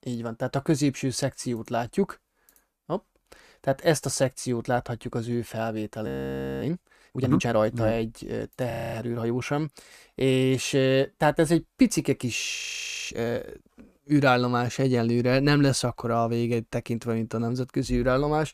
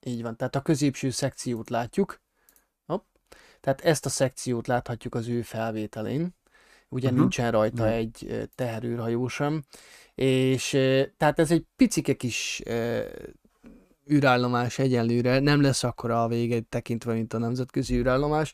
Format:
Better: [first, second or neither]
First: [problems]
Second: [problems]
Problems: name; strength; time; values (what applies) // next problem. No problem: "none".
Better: second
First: audio freezing; at 6 s for 0.5 s, at 8.5 s and at 13 s for 0.5 s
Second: none